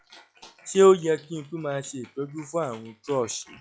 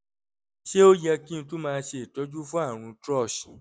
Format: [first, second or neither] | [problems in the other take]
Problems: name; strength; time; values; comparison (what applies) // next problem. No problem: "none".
second | noise reduction (classical method log-MMSE)